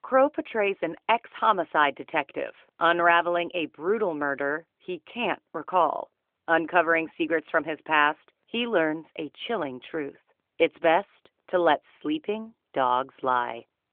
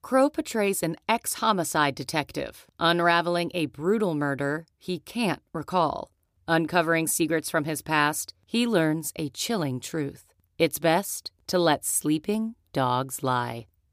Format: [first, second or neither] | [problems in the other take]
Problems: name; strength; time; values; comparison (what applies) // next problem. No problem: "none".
second | phone-call audio; nothing above 3.5 kHz